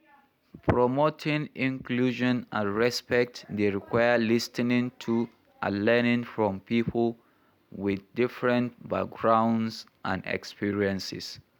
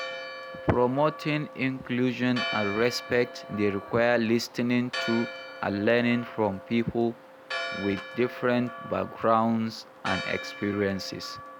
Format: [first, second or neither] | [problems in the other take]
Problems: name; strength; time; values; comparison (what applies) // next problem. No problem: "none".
first | background sound (Church bell); 11 dB below the speech